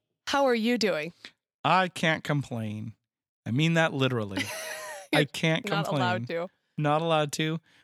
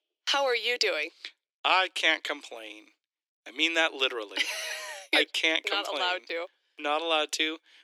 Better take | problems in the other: first | thin; very; fading below 300 Hz

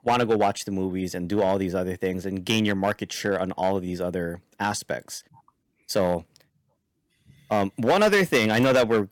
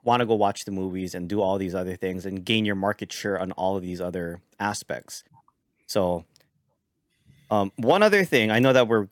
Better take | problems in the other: second | distortion; slight; 4% of the sound clipped

